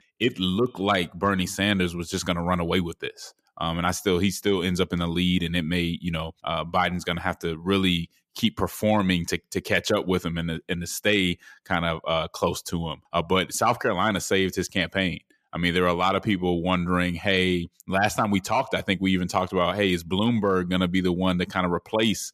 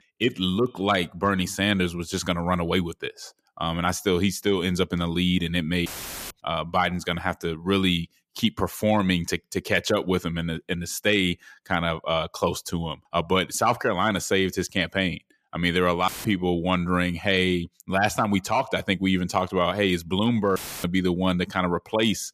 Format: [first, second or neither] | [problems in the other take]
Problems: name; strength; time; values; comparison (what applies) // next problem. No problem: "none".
first | audio cutting out; filled with static; at 6 s, at 16 s and at 21 s